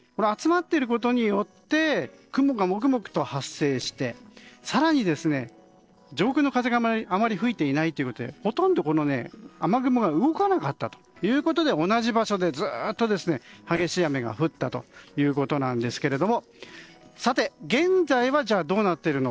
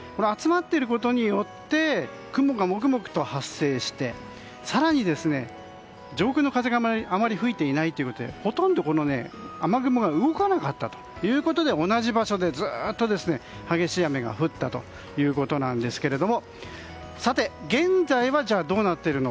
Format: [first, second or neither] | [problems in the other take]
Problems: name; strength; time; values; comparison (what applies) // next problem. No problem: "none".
second | noise reduction (neural separator model SepFormer DNS4)